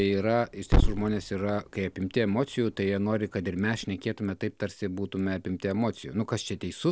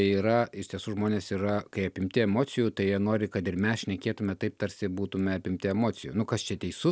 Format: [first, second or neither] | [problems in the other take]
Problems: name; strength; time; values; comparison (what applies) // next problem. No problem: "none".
second | background sound (Thump, thud); 4 dB below the speech